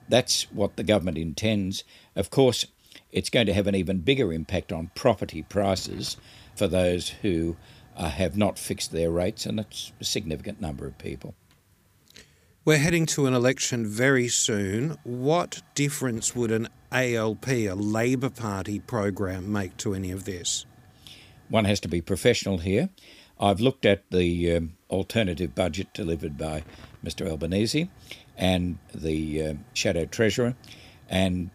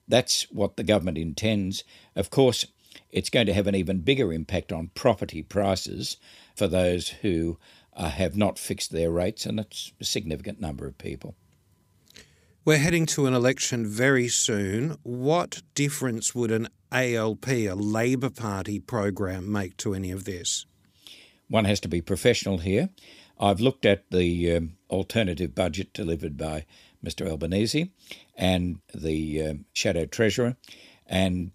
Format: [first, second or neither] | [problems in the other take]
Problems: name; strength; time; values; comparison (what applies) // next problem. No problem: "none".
second | hiss; faint; throughout; 30 dB below the speech